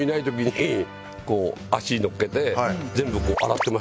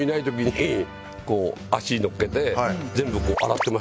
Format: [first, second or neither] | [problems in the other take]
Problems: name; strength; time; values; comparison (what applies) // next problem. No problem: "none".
first | background sound (Bowed string instrument); 18 dB below the speech